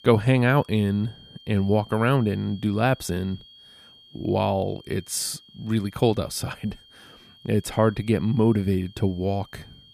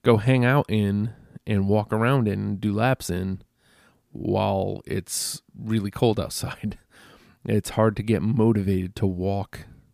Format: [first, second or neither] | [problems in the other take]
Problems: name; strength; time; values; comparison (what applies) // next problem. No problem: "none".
second | high-pitched whine; faint; throughout; 3.5 kHz, 25 dB below the speech